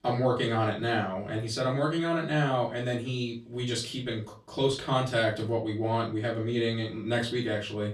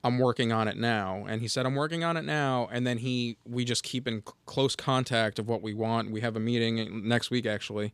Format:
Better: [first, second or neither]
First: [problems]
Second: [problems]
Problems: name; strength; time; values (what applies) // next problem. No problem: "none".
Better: second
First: off-mic speech; far // room echo; slight; dies away in 0.3 s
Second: none